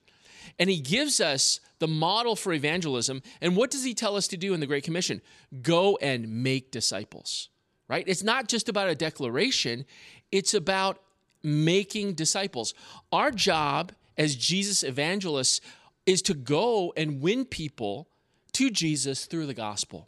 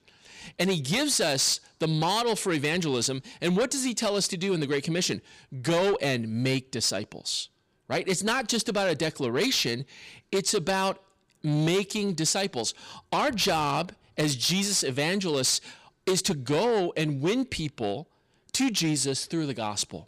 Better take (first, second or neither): first